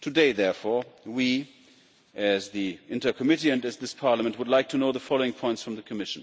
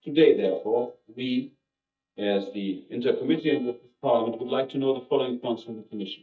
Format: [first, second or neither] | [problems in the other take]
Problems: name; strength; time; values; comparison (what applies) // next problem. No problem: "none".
first | noise reduction (neural mask model DeepFilterNet 3)